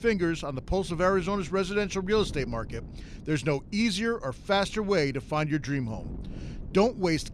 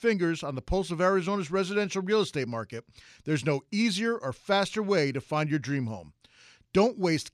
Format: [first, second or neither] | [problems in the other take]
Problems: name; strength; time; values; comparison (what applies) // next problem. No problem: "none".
second | wind noise on the microphone; occasional gusts; 25 dB below the speech